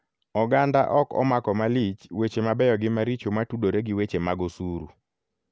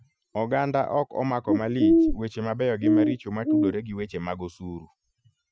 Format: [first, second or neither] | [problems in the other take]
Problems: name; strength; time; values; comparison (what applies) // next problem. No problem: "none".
first | noise reduction (classical method Wiener filter)